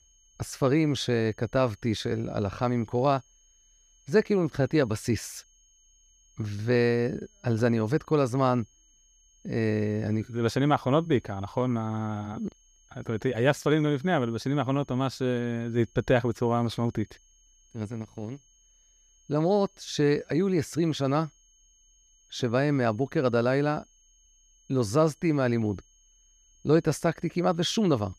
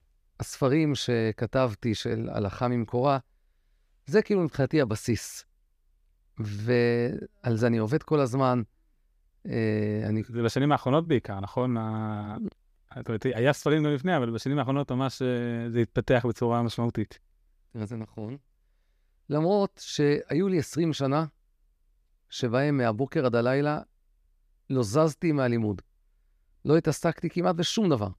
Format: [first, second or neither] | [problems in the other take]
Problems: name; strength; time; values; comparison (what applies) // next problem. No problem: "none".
second | high-pitched whine; faint; throughout; 6.5 kHz, 35 dB below the speech